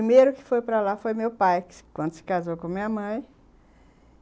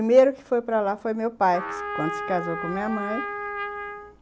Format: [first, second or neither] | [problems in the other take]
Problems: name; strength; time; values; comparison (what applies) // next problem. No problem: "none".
first | background sound (Trumpet); 9 dB below the speech